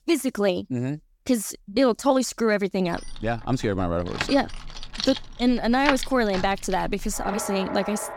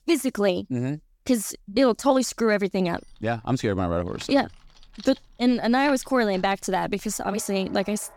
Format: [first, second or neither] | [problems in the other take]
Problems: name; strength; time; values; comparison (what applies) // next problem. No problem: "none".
second | household noises; loud; from 3 s on; 9 dB below the speech; faint in the second